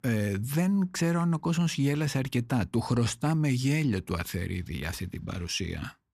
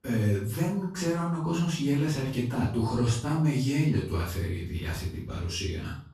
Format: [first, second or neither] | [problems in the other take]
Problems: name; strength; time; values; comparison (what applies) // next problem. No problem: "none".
first | off-mic speech; far // room echo; noticeable; dies away in 0.4 s